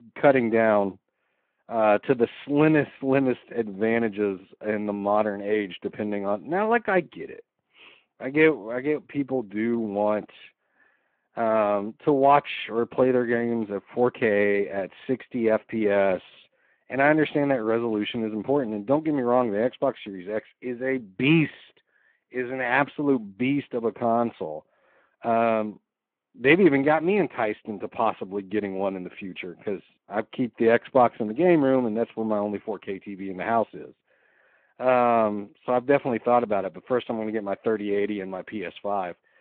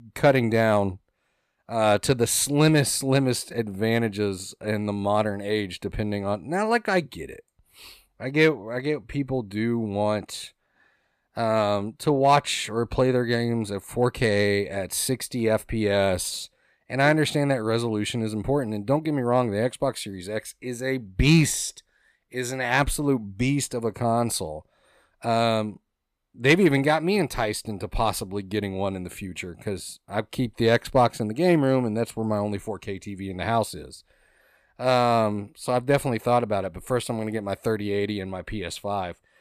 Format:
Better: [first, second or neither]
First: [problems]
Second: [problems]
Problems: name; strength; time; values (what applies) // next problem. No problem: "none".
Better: second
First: phone-call audio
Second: none